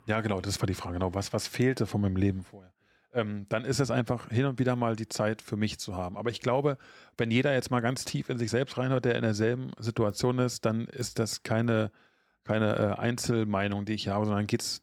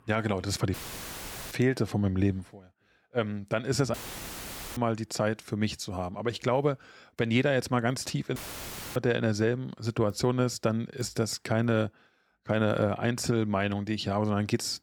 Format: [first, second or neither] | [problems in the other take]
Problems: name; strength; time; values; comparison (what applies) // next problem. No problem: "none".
first | audio cutting out; filled with static; at 0.5 s for 1 s, at 4 s for 1 s and at 8.5 s for 0.5 s